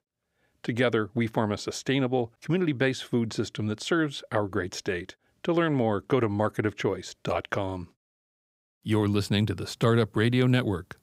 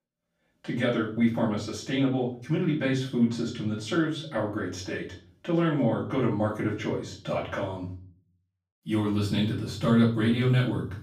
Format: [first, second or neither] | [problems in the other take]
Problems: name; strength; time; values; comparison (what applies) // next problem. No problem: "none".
first | off-mic speech; far // room echo; slight; dies away in 0.5 s